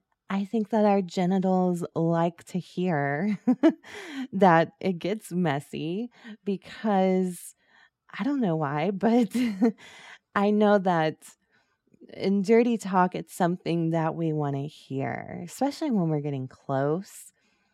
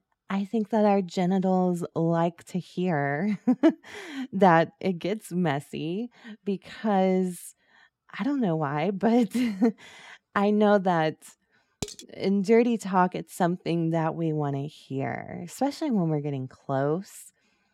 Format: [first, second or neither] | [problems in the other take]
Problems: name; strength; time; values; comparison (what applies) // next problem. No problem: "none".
first | clattering dishes; faint; at 12 s; peak 10 dB below the speech